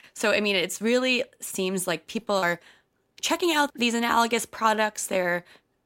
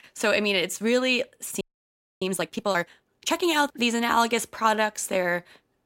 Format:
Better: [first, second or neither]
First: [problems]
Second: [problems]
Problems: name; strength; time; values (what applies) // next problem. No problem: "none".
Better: first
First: none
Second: audio freezing; at 1.5 s for 0.5 s